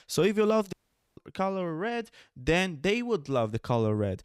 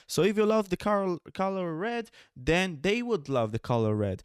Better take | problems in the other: second | audio cutting out; at 0.5 s

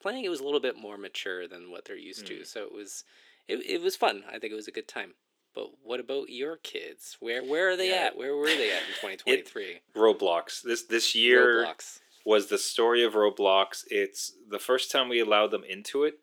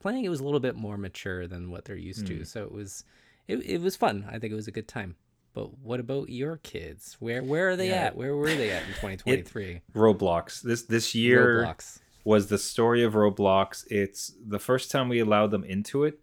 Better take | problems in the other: second | thin; somewhat; fading below 350 Hz

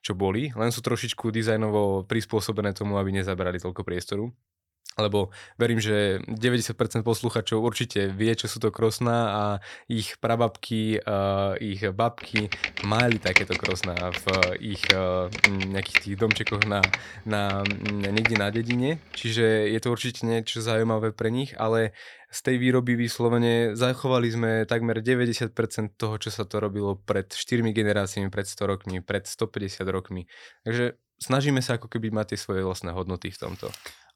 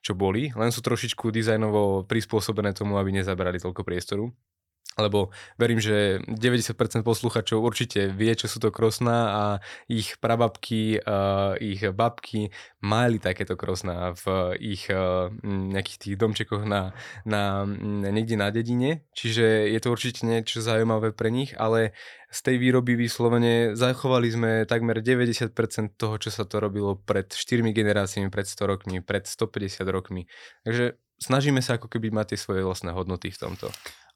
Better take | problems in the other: second | keyboard typing; loud; from 12 to 19 s; peak 6 dB above the speech

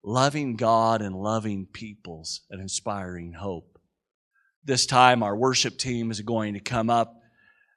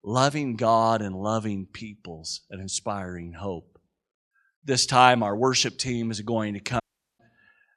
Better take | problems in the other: first | audio cutting out; at 7 s

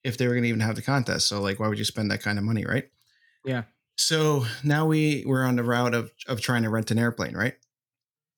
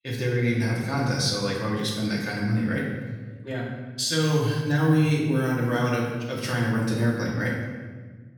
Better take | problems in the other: first | room echo; noticeable; dies away in 1.3 s // off-mic speech; far

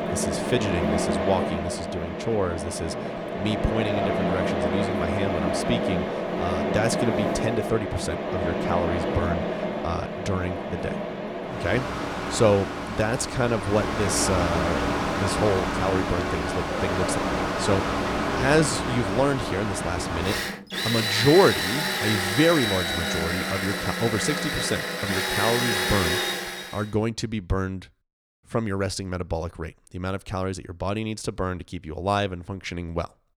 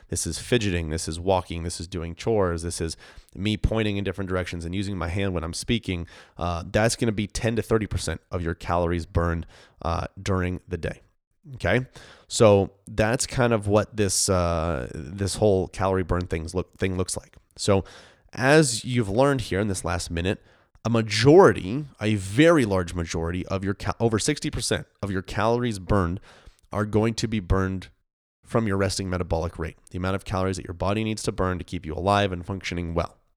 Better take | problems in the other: second | machinery noise; very loud; until 27 s; as loud as the speech

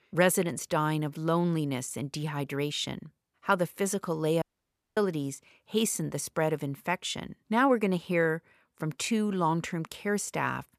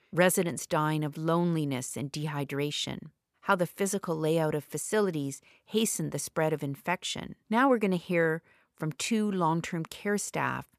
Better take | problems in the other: second | audio cutting out; at 4.5 s for 0.5 s

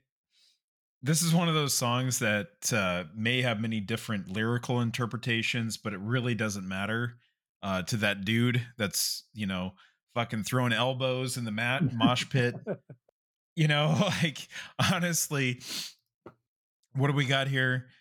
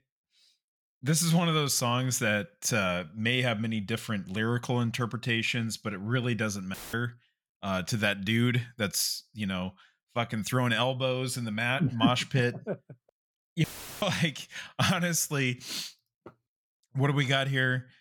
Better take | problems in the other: first | audio cutting out; filled with static; at 6.5 s and at 14 s

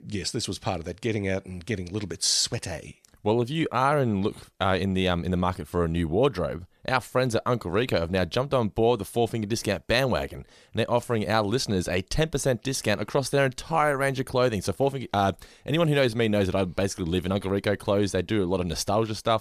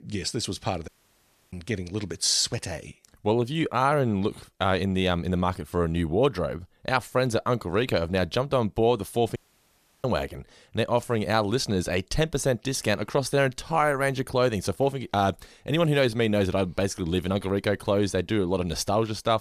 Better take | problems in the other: first | audio cutting out; at 1 s for 0.5 s and at 9.5 s for 0.5 s

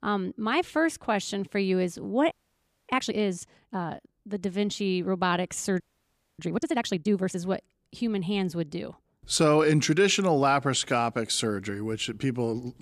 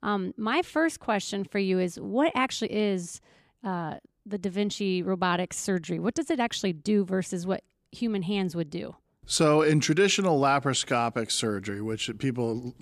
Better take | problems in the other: second | audio freezing; at 2.5 s for 0.5 s and at 6 s for 0.5 s

